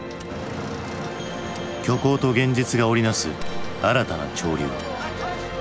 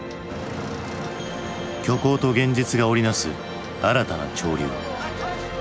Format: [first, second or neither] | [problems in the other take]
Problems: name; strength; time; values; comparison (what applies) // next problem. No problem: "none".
second | background sound (Gunshot, gunfire); 14 dB below the speech